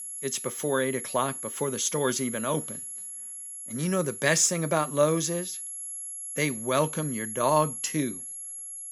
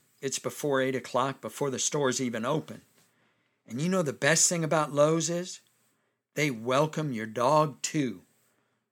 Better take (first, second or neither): second